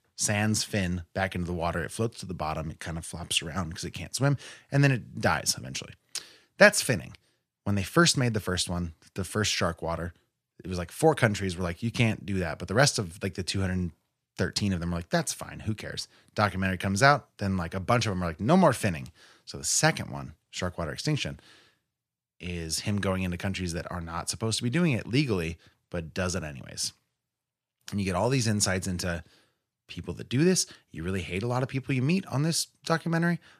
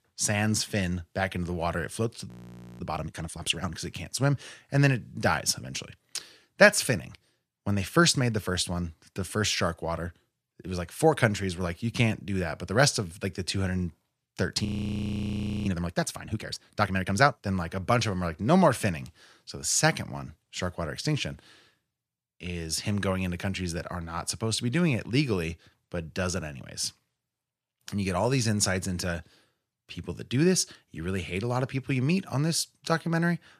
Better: first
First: none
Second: audio freezing; at 2.5 s for 0.5 s and at 15 s for 1 s

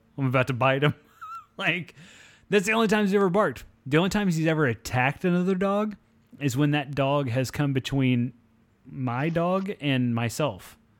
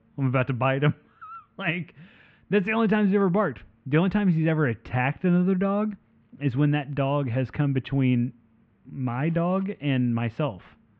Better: first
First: none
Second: muffled; very; fading above 3 kHz

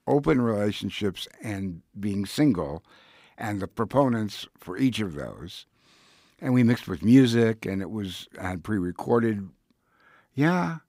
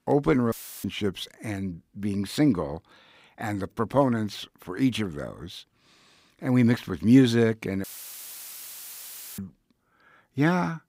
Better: first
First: none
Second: audio cutting out; filled with static; at 0.5 s and at 8 s for 1.5 s

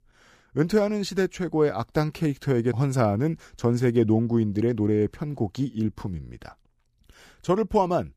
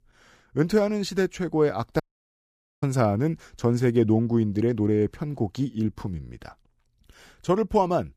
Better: first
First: none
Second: audio cutting out; at 2 s for 1 s

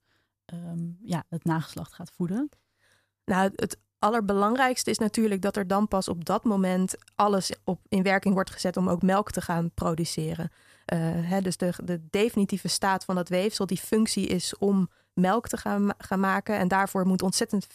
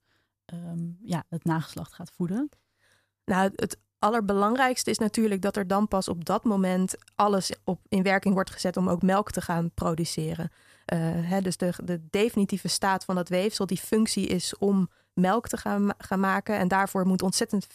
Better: neither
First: none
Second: none

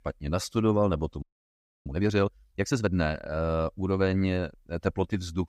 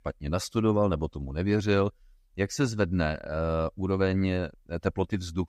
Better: second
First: audio freezing; at 1 s for 0.5 s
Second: none

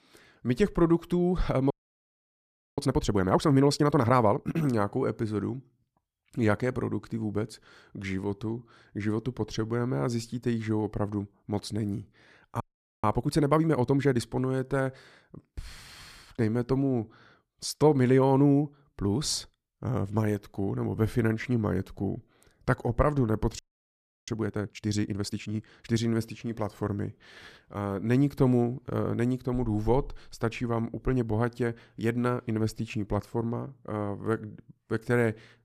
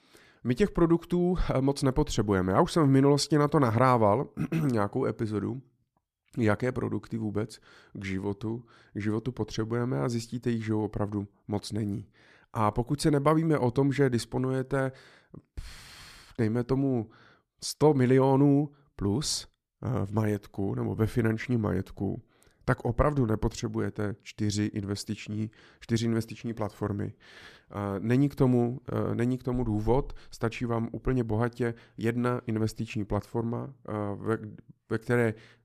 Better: second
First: audio freezing; at 1.5 s for 1 s, at 13 s and at 24 s for 0.5 s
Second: none

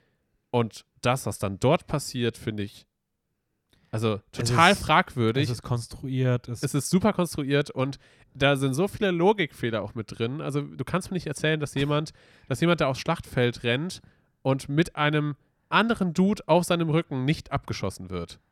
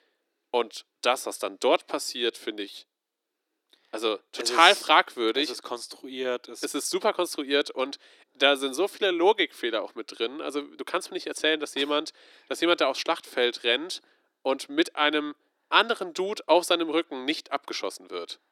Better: first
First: none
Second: thin; somewhat; fading below 300 Hz

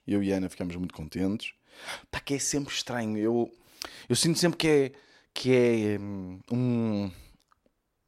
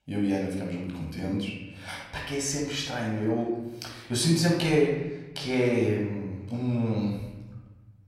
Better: first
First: none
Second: off-mic speech; somewhat distant // room echo; noticeable; dies away in 1.1 s

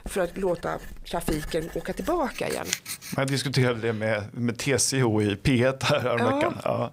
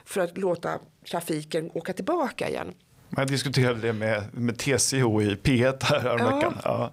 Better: second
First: household noises; noticeable; until 3.5 s; 10 dB below the speech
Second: none

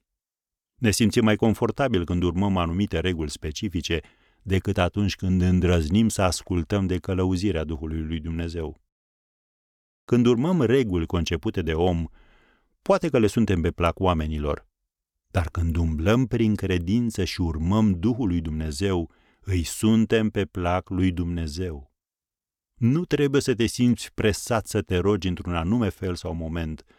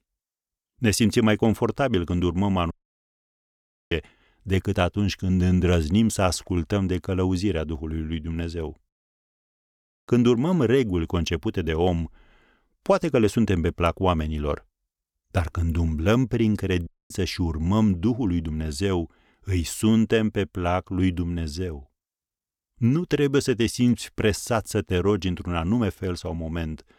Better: first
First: none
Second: audio cutting out; at 2.5 s for 1 s and at 17 s

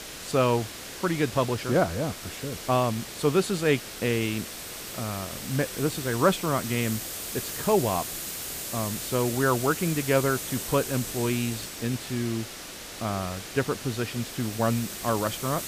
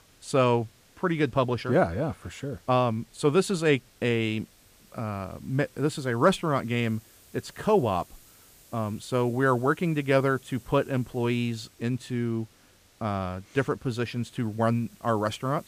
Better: second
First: hiss; loud; throughout; 7 dB below the speech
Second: hiss; faint; throughout; 30 dB below the speech

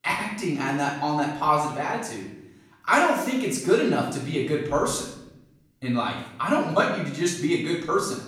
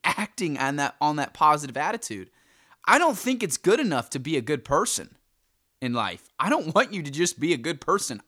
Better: second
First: off-mic speech; far // room echo; noticeable; dies away in 0.8 s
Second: none

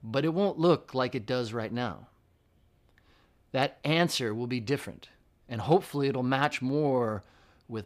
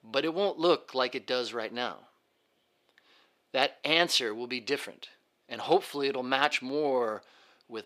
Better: first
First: none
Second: thin; somewhat; fading below 400 Hz

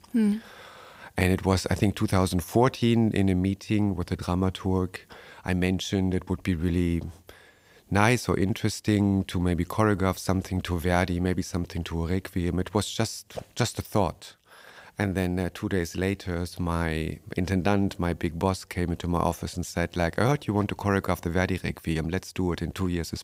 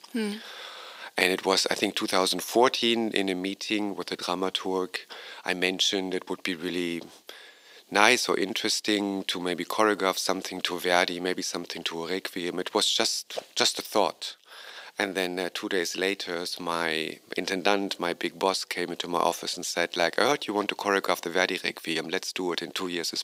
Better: first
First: none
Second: thin; somewhat; fading below 300 Hz

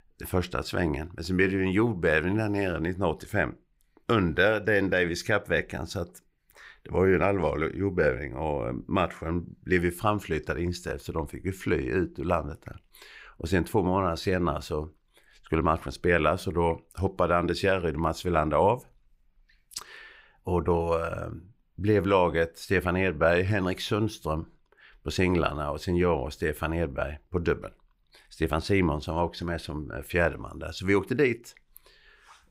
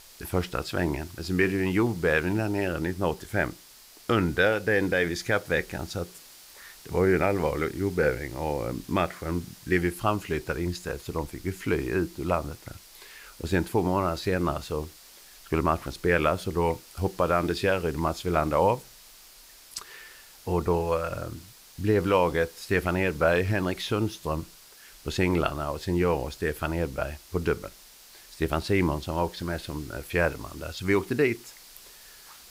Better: first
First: none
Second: hiss; faint; throughout; 20 dB below the speech

